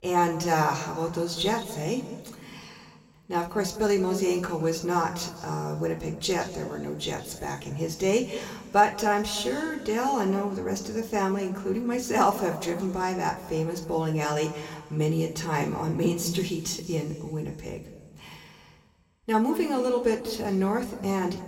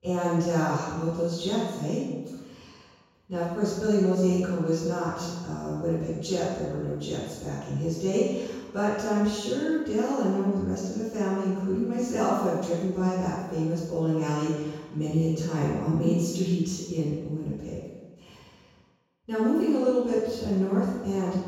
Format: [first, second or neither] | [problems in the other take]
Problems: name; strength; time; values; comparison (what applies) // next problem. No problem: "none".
first | room echo; strong; dies away in 1.2 s; slight in the first // off-mic speech; far